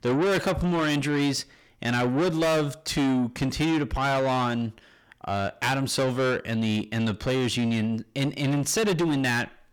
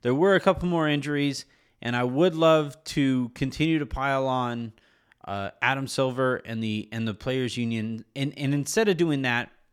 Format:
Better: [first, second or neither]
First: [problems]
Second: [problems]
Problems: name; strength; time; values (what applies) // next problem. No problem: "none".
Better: second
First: distortion; heavy; 6 dB below the speech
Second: none